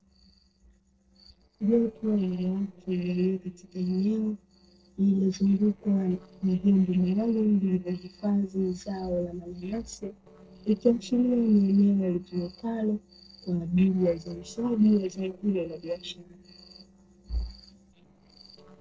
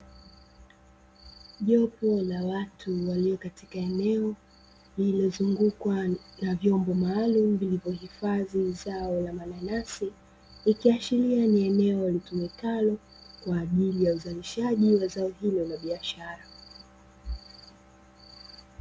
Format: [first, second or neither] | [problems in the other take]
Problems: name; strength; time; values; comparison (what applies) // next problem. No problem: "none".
second | noise reduction (neural separator model SepFormer DNS4)